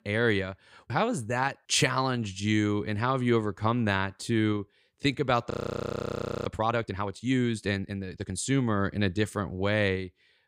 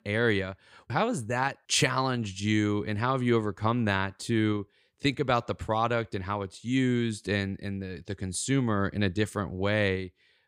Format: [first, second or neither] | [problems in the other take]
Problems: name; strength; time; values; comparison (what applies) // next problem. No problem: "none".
second | audio freezing; at 5.5 s for 1 s